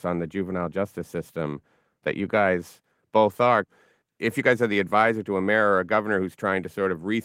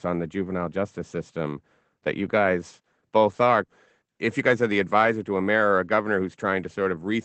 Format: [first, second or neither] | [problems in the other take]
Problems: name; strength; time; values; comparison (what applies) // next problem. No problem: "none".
first | garbled, watery; badly; nothing above 8 kHz; slightly in the first